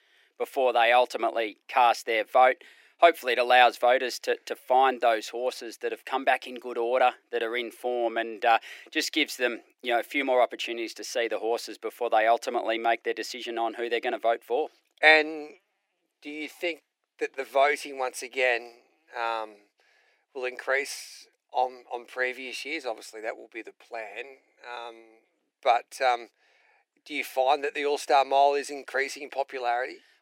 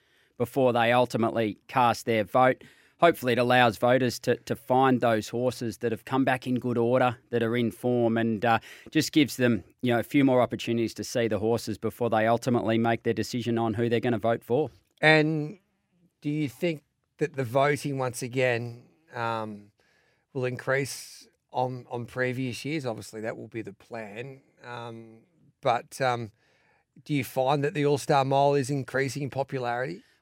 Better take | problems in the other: second | thin; very; fading below 350 Hz

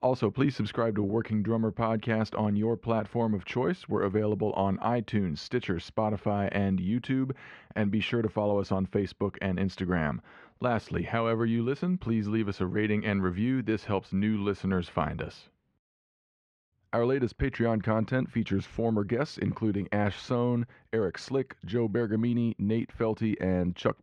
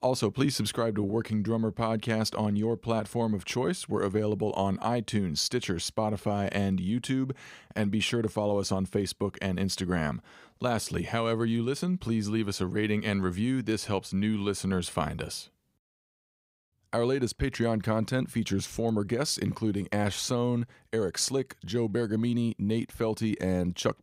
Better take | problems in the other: second | muffled; slightly; fading above 2 kHz

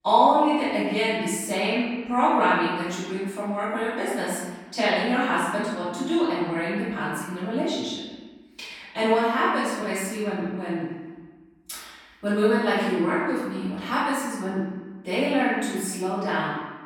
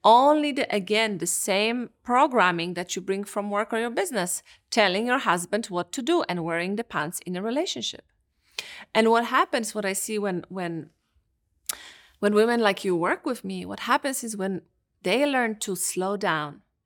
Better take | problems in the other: second | off-mic speech; far // room echo; strong; dies away in 1.3 s

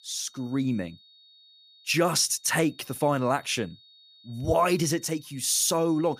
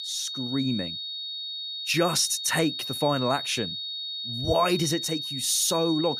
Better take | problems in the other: first | high-pitched whine; loud; throughout; 3.5 kHz, 5 dB below the speech; faint in the first

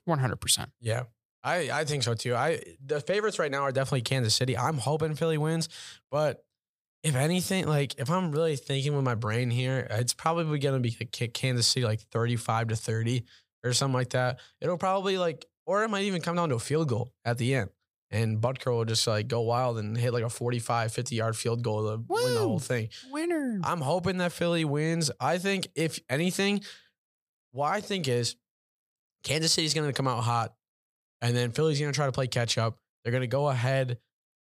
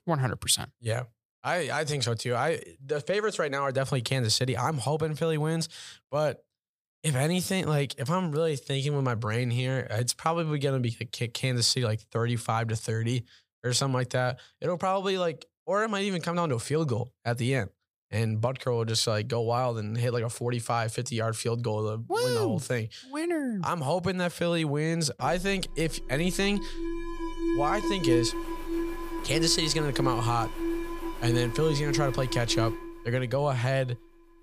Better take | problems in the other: first | alarm; loud; from 25 to 33 s; peak 2 dB above the speech

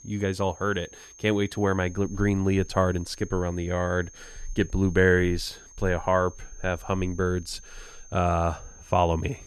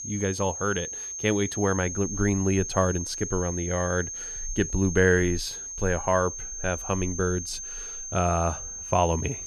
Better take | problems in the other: first | high-pitched whine; loud; throughout; 6.5 kHz, 7 dB below the speech; faint in the first

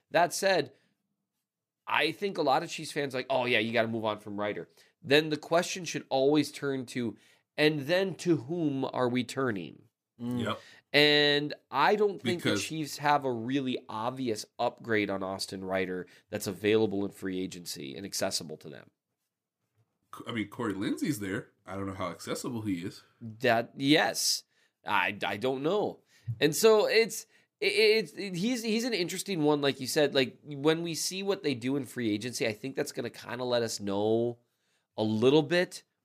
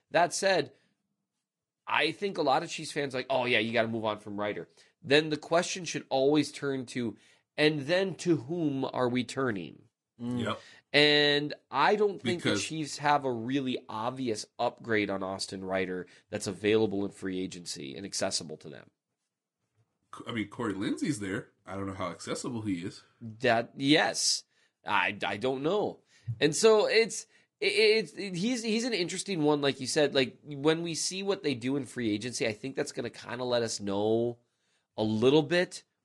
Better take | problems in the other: first | garbled, watery; slightly; nothing above 10.5 kHz

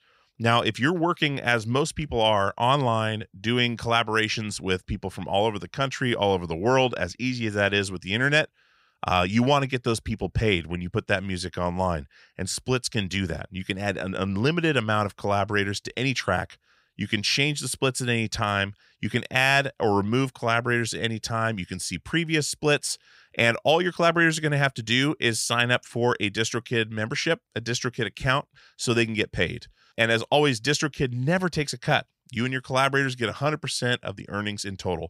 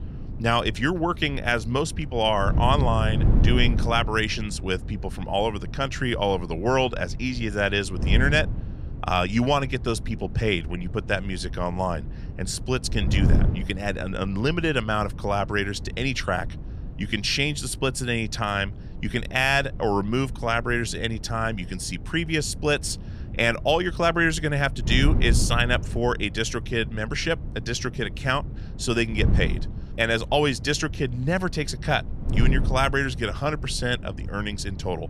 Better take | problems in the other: first | wind noise on the microphone; occasional gusts; 15 dB below the speech

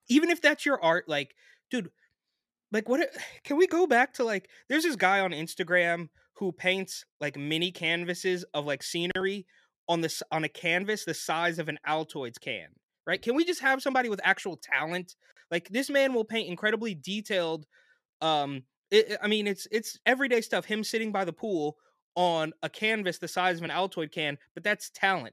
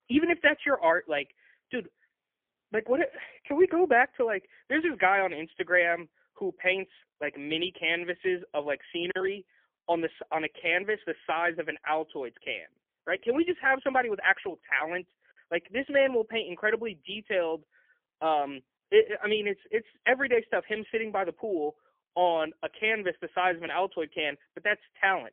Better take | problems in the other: first | phone-call audio; poor line; nothing above 3.5 kHz

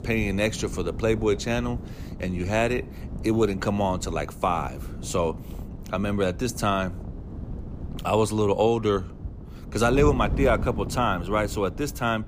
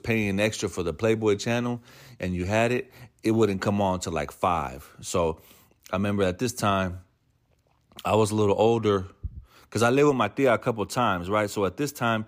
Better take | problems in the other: second | wind noise on the microphone; occasional gusts; 20 dB below the speech

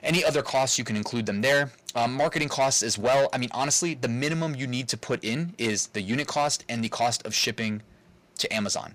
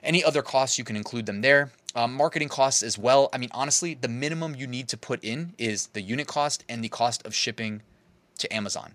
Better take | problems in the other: second | distortion; heavy; 8 dB below the speech

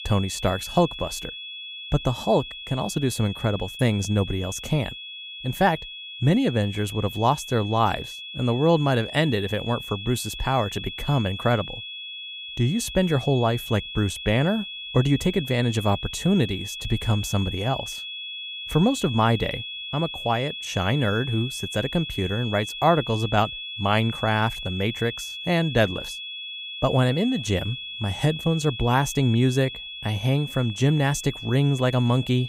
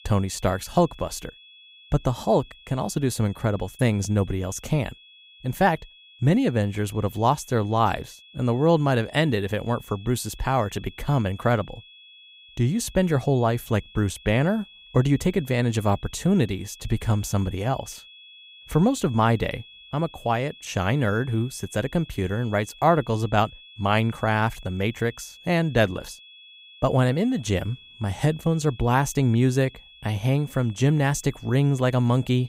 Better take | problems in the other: second | high-pitched whine; loud; throughout; 3.5 kHz, 9 dB below the speech; faint in the second

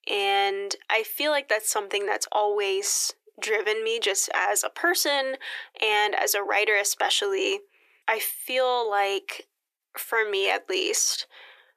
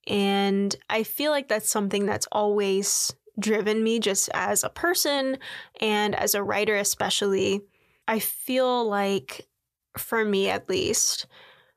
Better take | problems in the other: second | thin; very; fading below 300 Hz

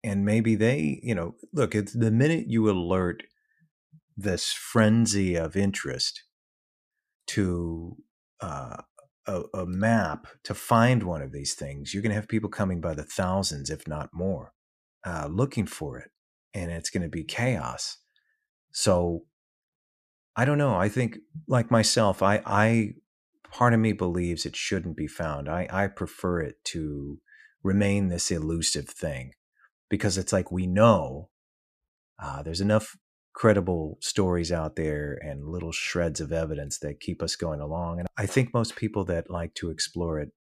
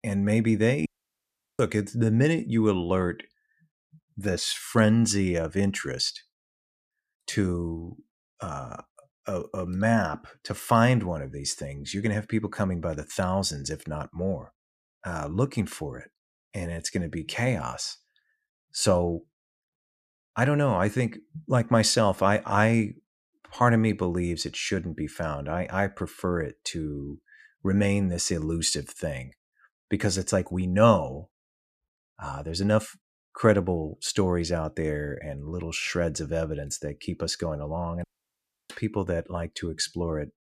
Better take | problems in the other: first | audio cutting out; at 1 s for 0.5 s and at 38 s for 0.5 s

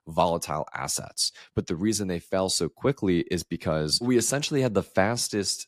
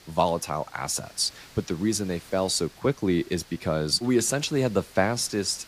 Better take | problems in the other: first | hiss; faint; throughout; 25 dB below the speech

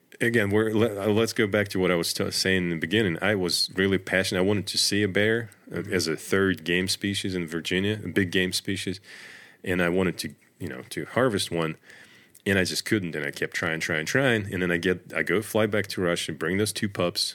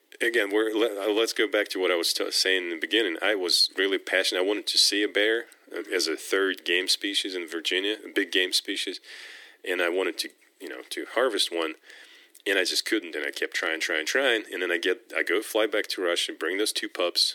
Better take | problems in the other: first | thin; somewhat; fading below 300 Hz

